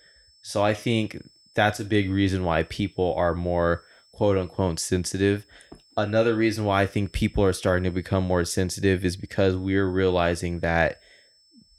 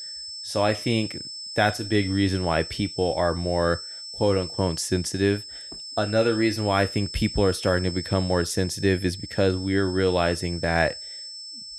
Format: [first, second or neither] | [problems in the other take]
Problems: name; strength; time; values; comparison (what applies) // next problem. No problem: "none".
first | high-pitched whine; loud; throughout; 5.5 kHz, 10 dB below the speech; faint in the first